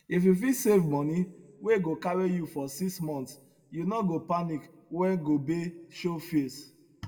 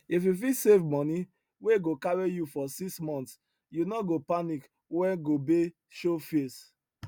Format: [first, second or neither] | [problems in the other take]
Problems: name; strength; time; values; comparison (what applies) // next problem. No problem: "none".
second | room echo; dies away in 0.7 s